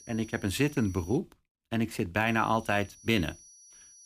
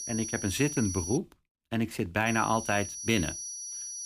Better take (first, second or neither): first